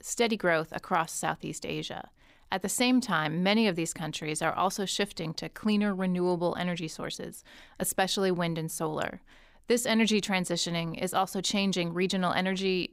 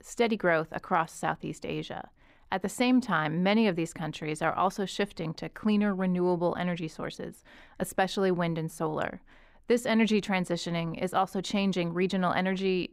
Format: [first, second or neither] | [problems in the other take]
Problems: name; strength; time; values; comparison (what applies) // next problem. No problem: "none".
first | muffled; slightly; fading above 3 kHz